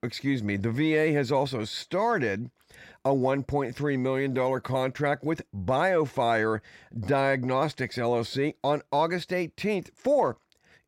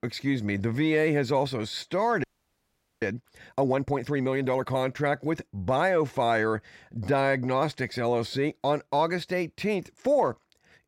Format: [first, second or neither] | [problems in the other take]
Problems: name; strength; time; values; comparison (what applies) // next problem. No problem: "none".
first | audio freezing; at 2 s for 1 s